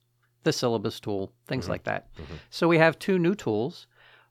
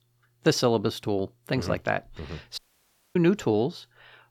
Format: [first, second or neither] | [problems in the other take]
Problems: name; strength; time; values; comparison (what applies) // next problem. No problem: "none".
first | audio cutting out; at 2.5 s for 0.5 s